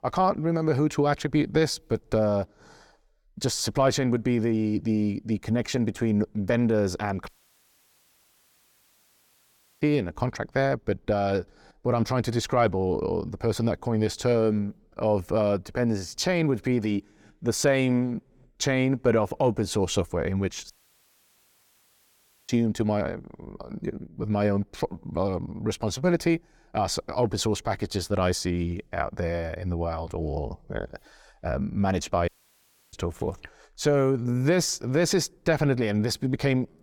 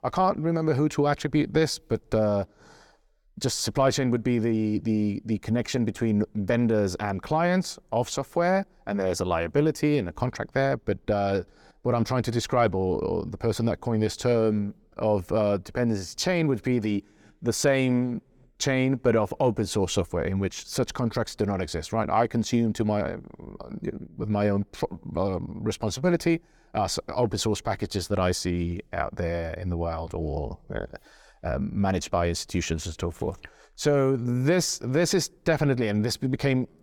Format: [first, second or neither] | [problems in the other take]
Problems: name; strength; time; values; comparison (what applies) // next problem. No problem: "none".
second | audio cutting out; at 7.5 s for 2.5 s, at 21 s for 2 s and at 32 s for 0.5 s